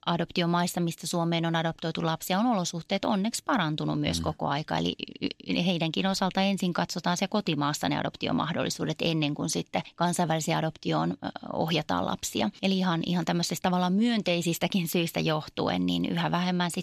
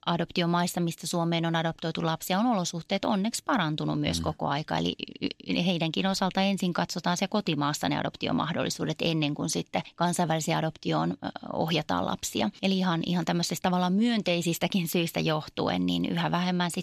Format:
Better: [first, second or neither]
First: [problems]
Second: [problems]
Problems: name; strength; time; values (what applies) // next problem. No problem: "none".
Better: neither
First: none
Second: none